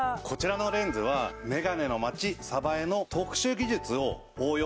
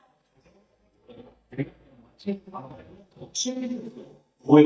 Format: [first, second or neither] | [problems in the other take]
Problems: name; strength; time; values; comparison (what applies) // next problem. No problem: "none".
first | noise reduction (neural mask model DeepFilterNet 3)